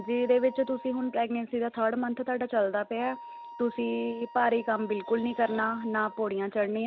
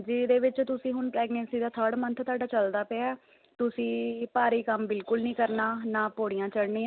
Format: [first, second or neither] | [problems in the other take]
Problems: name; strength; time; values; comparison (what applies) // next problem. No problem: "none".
second | background sound (Wind instrument, woodwind instrument); 18 dB below the speech